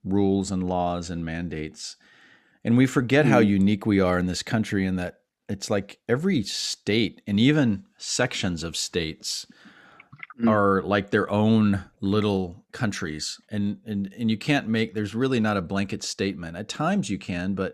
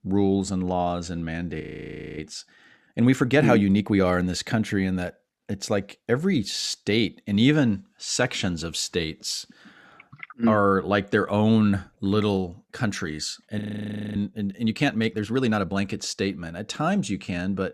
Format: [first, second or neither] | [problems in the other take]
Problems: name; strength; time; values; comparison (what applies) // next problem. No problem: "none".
first | audio freezing; at 1.5 s for 0.5 s and at 14 s for 0.5 s